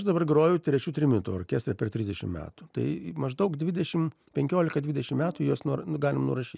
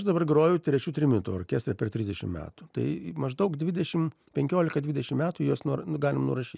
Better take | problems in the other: second | background sound (Brass instrument); 20 dB below the speech

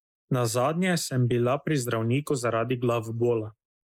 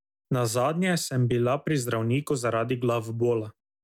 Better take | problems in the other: second | noise reduction (neural mask model Resemble Enhance denoiser)

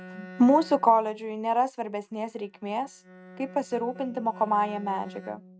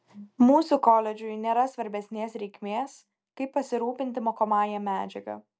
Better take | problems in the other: second | noise reduction (neural mask model RNNoise)

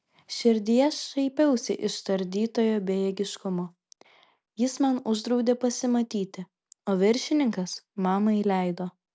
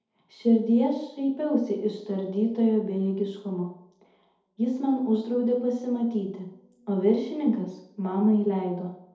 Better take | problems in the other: first | room echo; dies away in 2.1 s

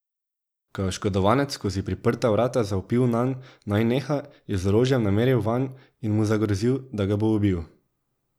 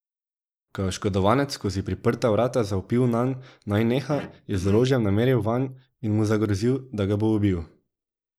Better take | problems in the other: first | noise reduction (neural mask model Resemble Enhance denoiser)

